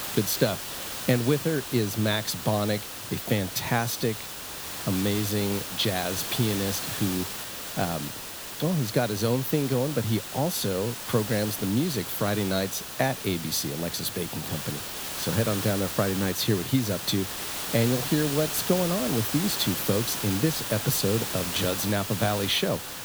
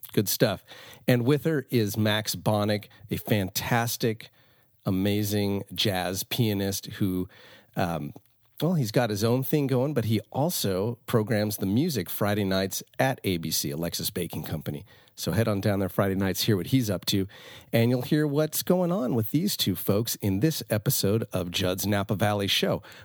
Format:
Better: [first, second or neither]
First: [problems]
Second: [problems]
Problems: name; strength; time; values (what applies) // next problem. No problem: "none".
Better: second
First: hiss; loud; throughout; 5 dB below the speech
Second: none